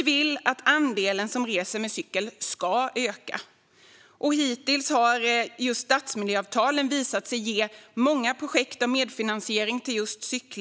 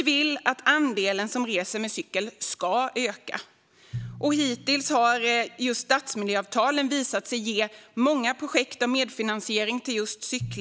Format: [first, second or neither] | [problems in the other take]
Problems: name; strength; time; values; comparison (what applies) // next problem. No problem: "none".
first | background sound (Drum); 20 dB below the speech